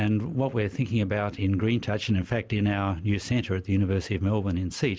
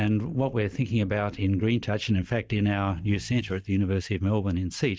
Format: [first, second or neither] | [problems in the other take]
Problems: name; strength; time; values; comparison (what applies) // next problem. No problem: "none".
first | noise reduction (neural mask model DeepFilterNet 3)